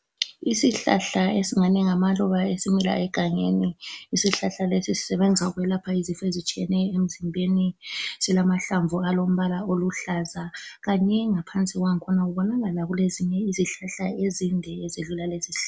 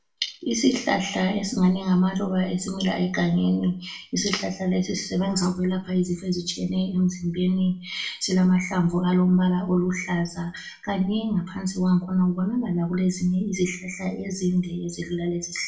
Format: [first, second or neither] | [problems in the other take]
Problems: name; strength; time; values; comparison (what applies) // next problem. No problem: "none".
first | room echo; dies away in 0.3 s